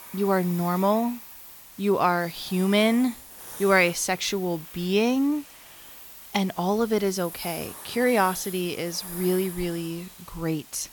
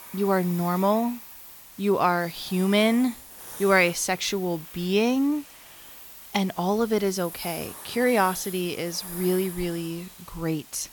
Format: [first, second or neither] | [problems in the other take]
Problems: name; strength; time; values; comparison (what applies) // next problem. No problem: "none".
neither | hiss; noticeable; throughout; 15 dB below the speech; the same in both